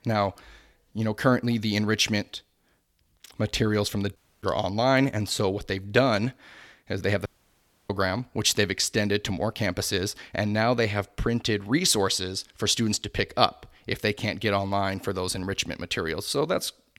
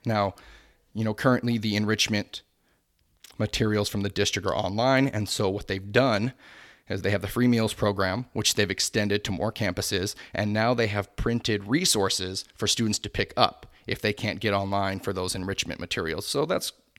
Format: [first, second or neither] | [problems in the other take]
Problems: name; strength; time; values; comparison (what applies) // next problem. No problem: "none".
second | audio cutting out; at 4 s and at 7.5 s for 0.5 s